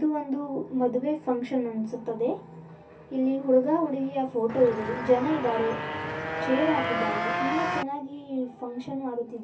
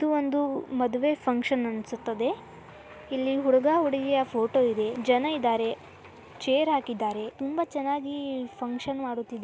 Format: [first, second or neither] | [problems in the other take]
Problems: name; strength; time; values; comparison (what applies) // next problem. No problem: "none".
second | background sound (Motorcycle); 3 dB below the speech // room echo; dies away in 0.3 s